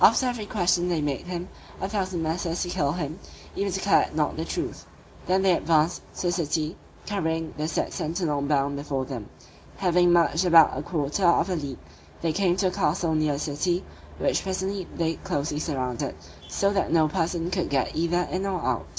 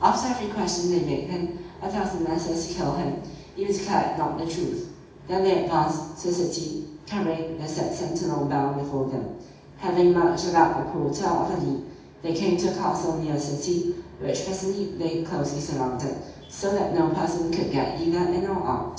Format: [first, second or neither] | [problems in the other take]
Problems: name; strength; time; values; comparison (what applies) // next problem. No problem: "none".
first | room echo; dies away in 0.8 s